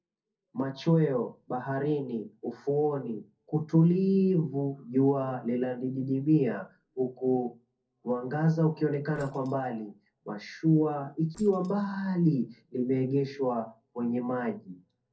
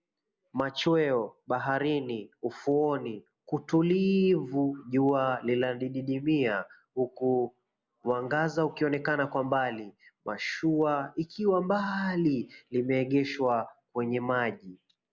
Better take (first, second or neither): second